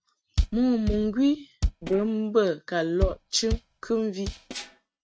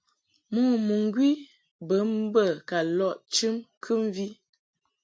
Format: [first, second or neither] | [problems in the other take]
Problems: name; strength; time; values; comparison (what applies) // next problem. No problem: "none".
second | noise reduction (neural mask model RNNoise)